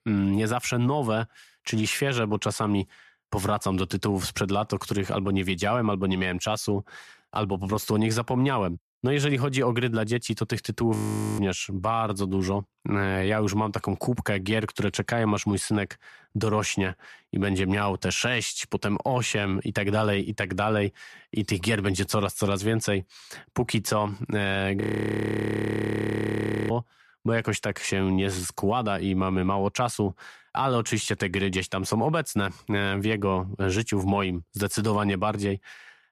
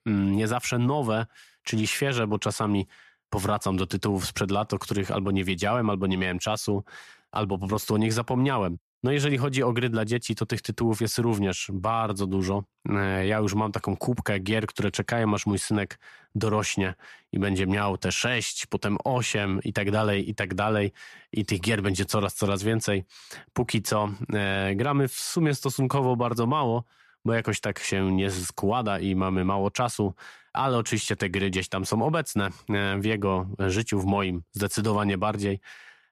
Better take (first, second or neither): second